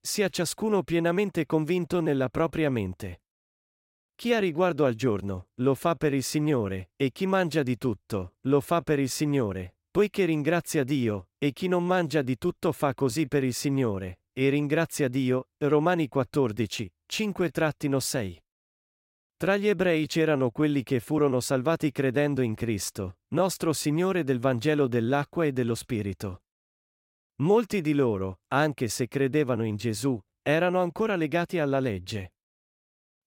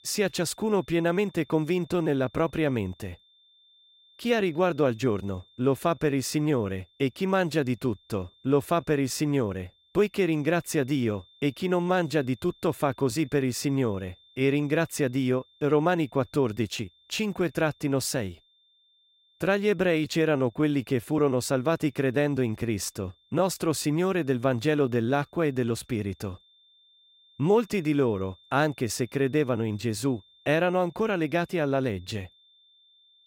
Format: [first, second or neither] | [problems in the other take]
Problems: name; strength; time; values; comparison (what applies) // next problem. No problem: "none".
first | high-pitched whine; faint; throughout; 3.5 kHz, 30 dB below the speech